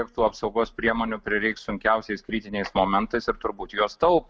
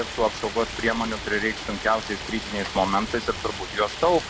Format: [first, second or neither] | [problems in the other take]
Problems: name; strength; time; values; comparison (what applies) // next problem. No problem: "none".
first | background sound (Stream); 9 dB below the speech